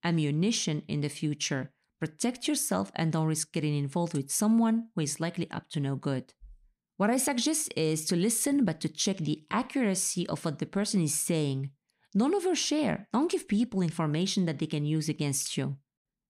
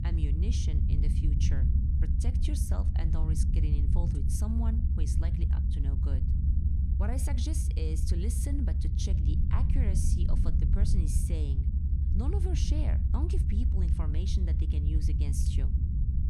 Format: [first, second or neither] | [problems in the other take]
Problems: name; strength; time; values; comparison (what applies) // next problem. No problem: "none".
first | low rumble; loud; throughout; 1 dB below the speech